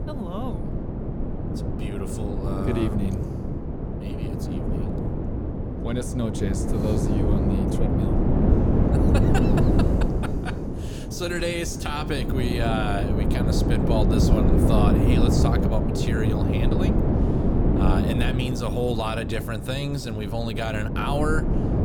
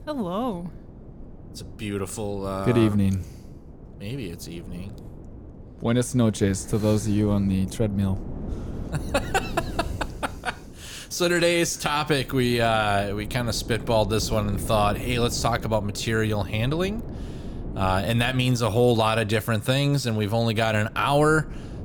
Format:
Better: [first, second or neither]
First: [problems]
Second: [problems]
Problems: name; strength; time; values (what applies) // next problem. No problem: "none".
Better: second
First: wind noise on the microphone; heavy; as loud as the speech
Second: wind noise on the microphone; occasional gusts; 20 dB below the speech